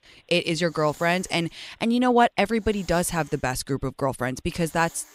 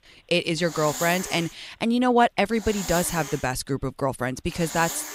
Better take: first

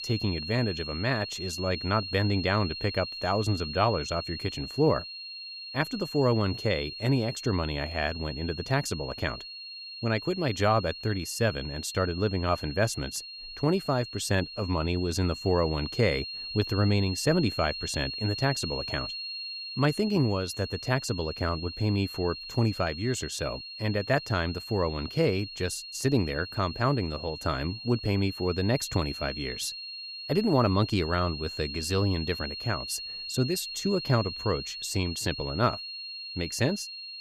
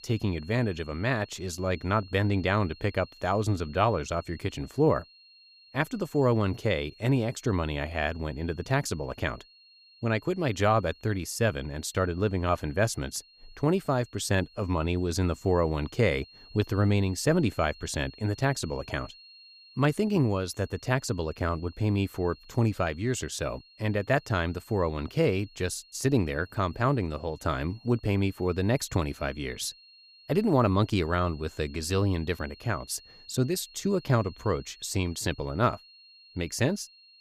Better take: second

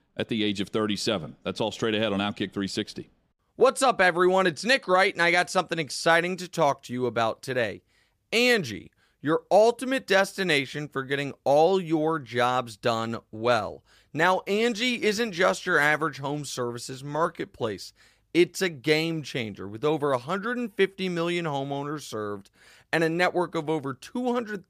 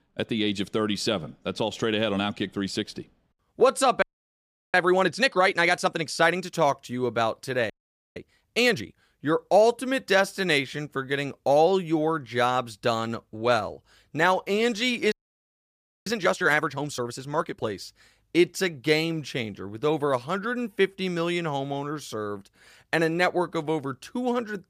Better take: first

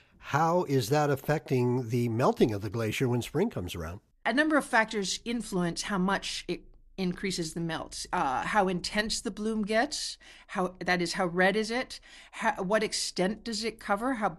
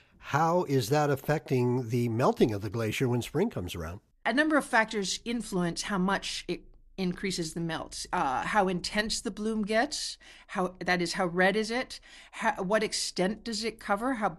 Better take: neither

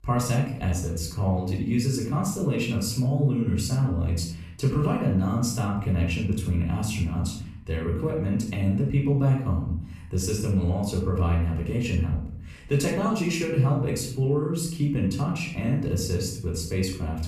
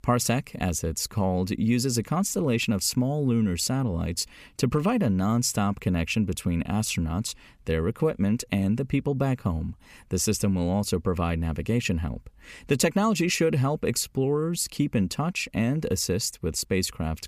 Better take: second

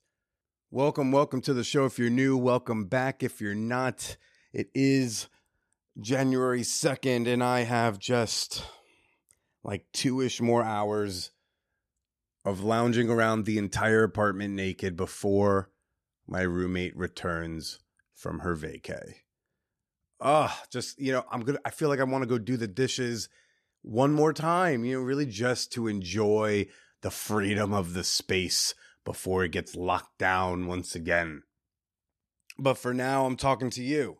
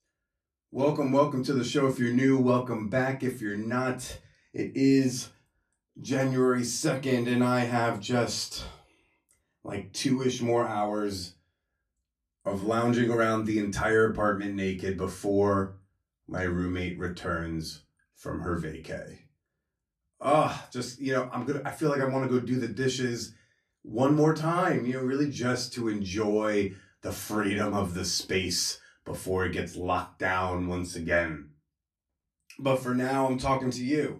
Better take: first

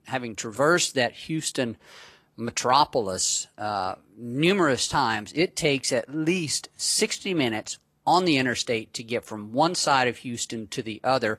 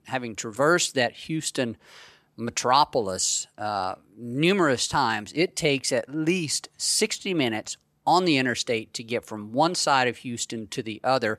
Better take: second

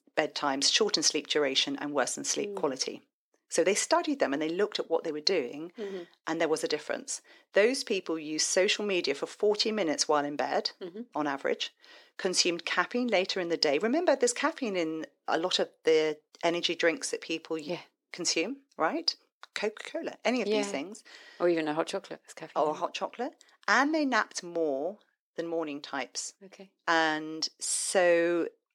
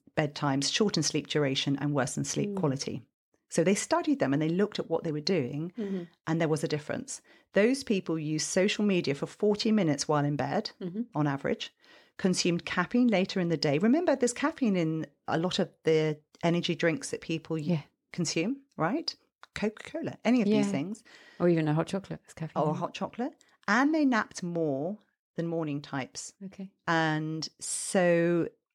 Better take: second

